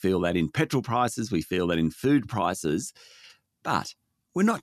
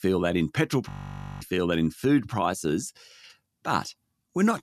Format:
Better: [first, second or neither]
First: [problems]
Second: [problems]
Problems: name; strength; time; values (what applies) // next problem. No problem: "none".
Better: first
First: none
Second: audio freezing; at 1 s for 0.5 s